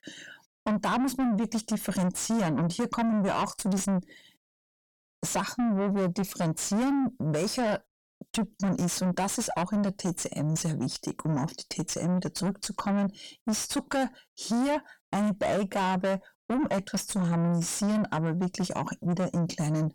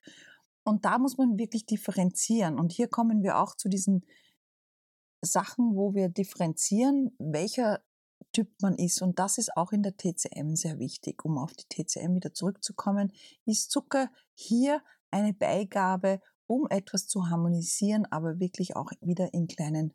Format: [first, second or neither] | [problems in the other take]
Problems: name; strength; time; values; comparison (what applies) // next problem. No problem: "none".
second | distortion; heavy; 7 dB below the speech